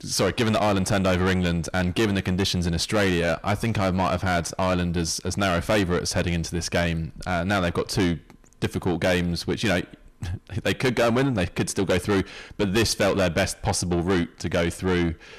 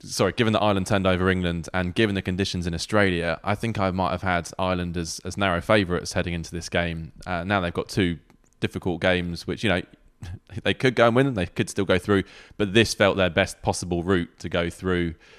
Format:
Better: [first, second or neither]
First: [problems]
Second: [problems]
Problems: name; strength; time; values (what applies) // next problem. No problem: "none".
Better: second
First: distortion; heavy; 6 dB below the speech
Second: none